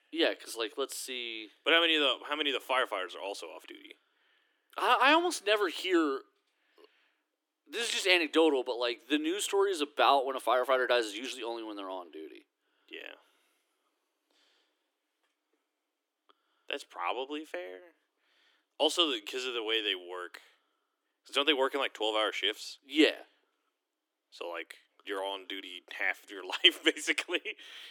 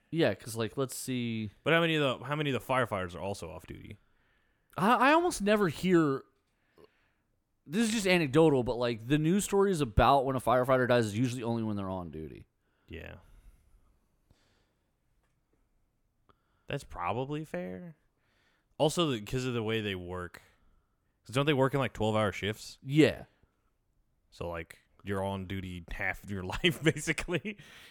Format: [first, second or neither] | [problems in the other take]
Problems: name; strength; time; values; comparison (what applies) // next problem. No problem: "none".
second | thin; somewhat; fading below 300 Hz